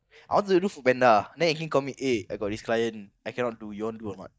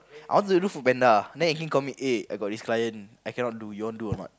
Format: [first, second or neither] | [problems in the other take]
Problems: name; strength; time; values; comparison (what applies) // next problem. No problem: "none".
second | noise reduction (neural mask model DeepFilterNet 3)